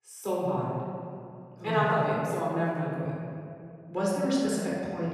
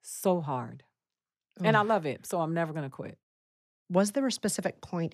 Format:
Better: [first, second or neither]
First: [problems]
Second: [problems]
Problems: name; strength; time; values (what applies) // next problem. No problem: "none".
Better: second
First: off-mic speech; far // room echo; strong; dies away in 2.6 s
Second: none